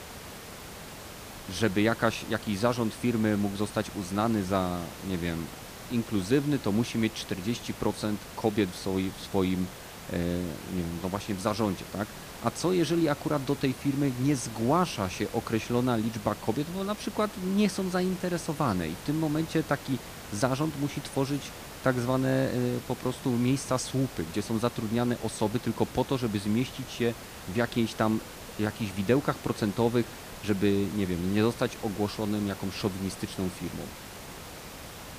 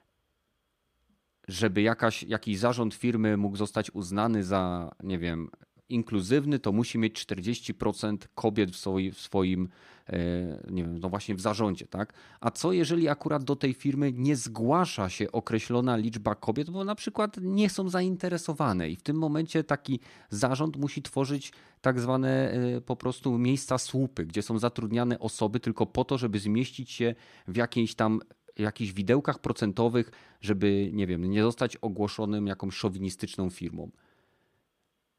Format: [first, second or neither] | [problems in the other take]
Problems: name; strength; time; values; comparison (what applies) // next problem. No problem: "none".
second | hiss; noticeable; throughout; 15 dB below the speech